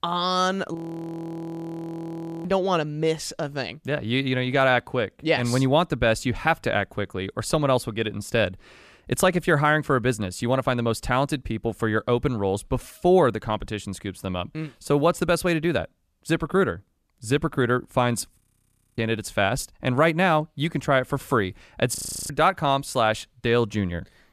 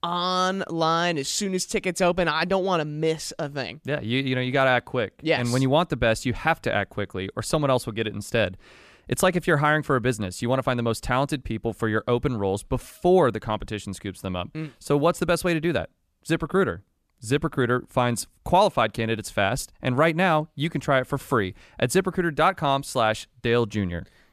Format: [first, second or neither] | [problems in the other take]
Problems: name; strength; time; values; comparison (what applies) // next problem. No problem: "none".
second | audio freezing; at 1 s for 1.5 s, at 18 s for 0.5 s and at 22 s